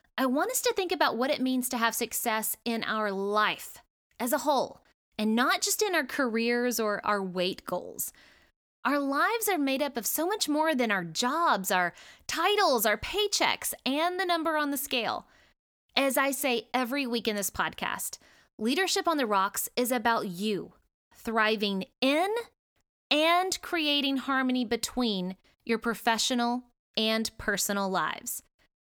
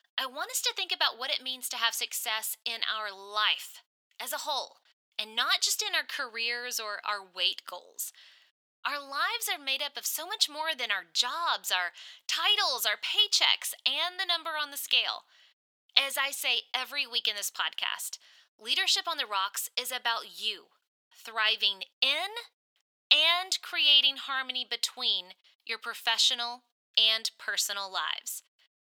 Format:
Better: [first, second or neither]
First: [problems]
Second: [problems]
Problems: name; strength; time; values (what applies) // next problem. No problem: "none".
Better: first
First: none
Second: thin; very; fading below 900 Hz